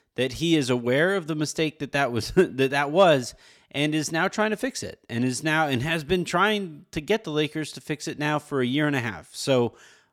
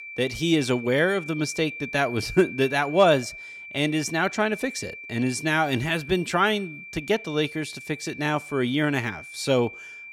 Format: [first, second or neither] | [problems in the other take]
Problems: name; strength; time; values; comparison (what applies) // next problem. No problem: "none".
first | high-pitched whine; noticeable; throughout; 2.5 kHz, 15 dB below the speech